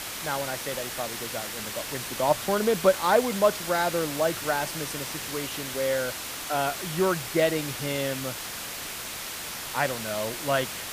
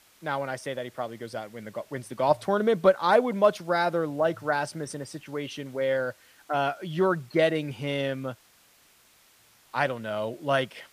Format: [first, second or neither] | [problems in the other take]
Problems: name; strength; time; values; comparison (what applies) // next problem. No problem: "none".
second | hiss; loud; throughout; 5 dB below the speech; faint in the second